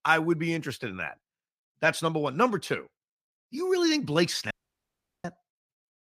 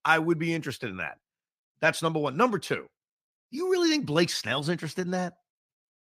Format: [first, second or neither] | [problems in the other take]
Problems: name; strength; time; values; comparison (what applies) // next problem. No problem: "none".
second | audio cutting out; at 4.5 s for 0.5 s